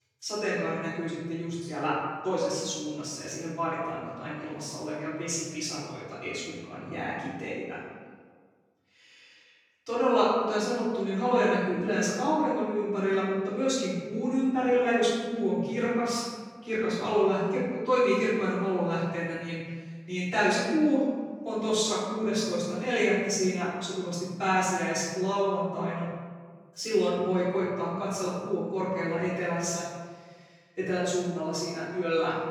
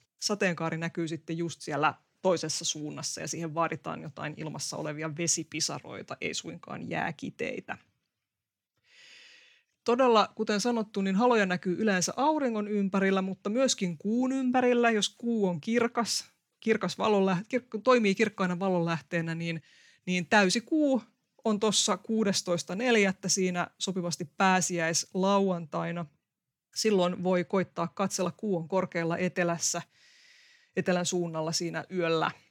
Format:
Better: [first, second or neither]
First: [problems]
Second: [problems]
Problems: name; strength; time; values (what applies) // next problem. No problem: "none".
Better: second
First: room echo; strong; dies away in 1.3 s // off-mic speech; far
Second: none